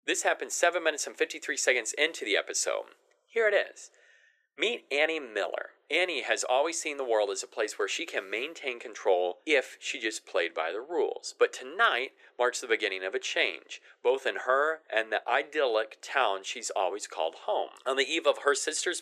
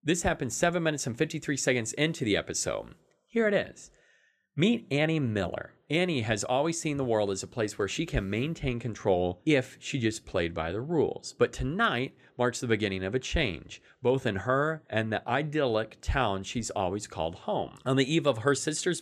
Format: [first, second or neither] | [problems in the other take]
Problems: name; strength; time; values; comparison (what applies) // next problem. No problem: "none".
second | thin; very; fading below 400 Hz